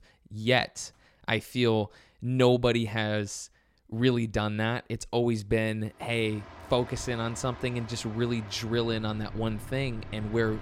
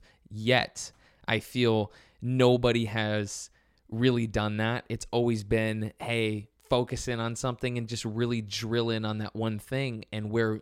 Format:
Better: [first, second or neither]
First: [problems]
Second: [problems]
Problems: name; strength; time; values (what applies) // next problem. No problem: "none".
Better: second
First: train or aircraft noise; noticeable; from 6.5 s on; 15 dB below the speech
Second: none